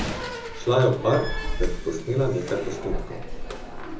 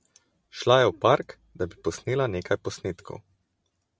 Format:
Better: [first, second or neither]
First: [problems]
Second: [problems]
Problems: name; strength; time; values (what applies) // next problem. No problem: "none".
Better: second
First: background sound (Slam); 3 dB below the speech // room echo; dies away in 0.7 s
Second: none